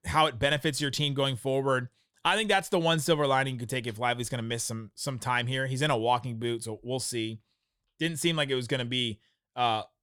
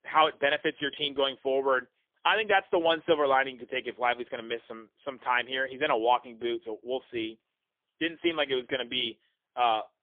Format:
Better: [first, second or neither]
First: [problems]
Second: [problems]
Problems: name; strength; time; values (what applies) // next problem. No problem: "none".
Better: first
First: none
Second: phone-call audio; poor line; nothing above 3.5 kHz